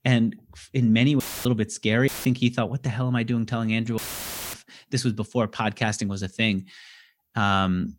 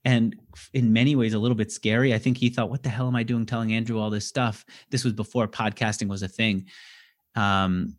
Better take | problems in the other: second | audio cutting out; filled with static; at 1 s, at 2 s and at 4 s for 0.5 s

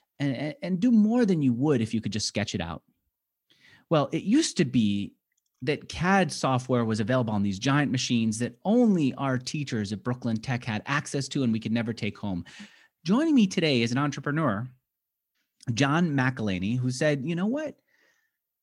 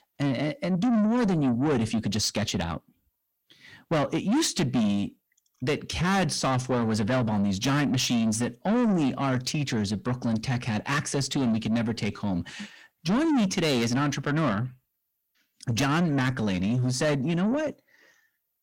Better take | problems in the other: first | distortion; heavy; 8 dB below the speech

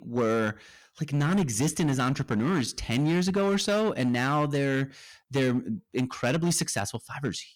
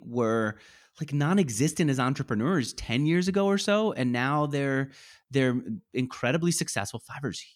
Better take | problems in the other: second | distortion; slight; 11% of the sound clipped

